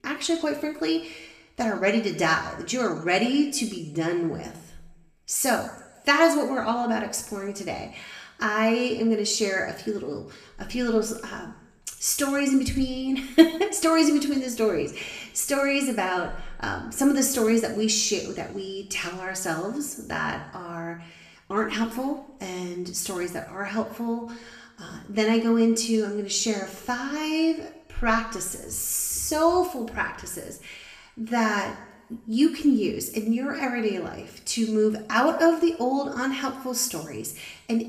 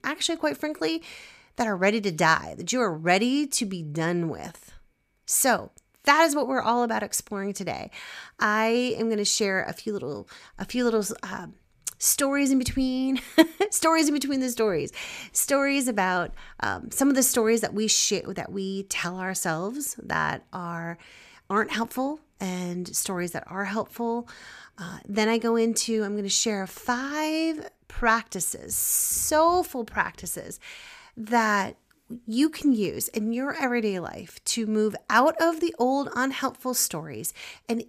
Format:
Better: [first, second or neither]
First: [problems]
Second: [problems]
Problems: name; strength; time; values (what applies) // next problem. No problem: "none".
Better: second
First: room echo; slight; dies away in 0.6 s // off-mic speech; somewhat distant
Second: none